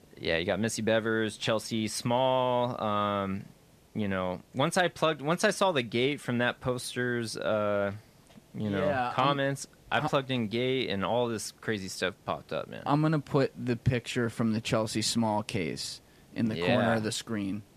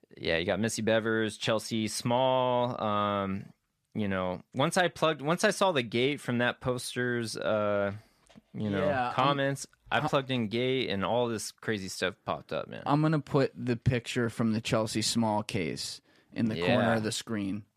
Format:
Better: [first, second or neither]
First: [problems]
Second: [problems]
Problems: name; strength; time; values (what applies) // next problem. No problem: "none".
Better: second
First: hiss; faint; throughout; 30 dB below the speech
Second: none